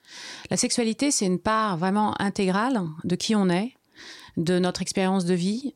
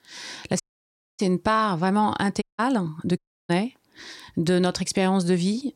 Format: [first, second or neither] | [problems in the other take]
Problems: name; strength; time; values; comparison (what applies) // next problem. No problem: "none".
first | audio cutting out; at 0.5 s for 0.5 s, at 2.5 s and at 3 s